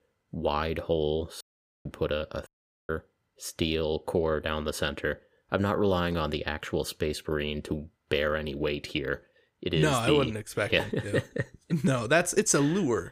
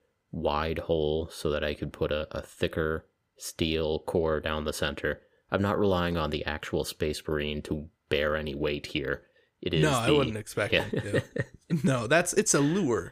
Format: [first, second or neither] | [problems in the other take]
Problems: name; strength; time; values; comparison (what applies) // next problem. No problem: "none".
second | audio cutting out; at 1.5 s and at 2.5 s